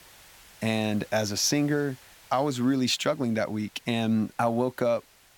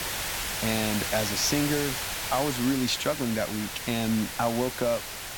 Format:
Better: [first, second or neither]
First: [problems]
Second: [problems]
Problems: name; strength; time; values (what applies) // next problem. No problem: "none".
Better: first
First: hiss; faint; throughout; 25 dB below the speech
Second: hiss; loud; throughout; 3 dB below the speech